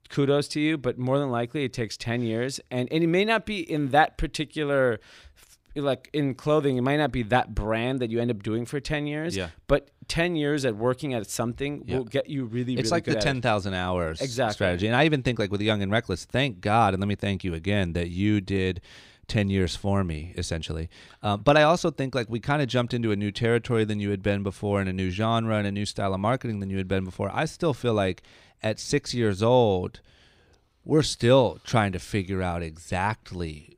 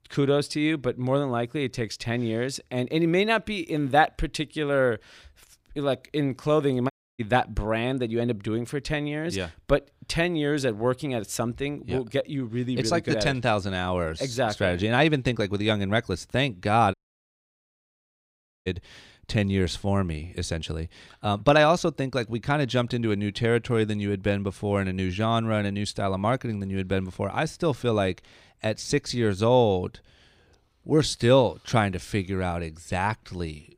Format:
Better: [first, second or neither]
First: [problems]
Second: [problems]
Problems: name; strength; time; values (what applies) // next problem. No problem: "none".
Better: first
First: none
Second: audio cutting out; at 7 s and at 17 s for 1.5 s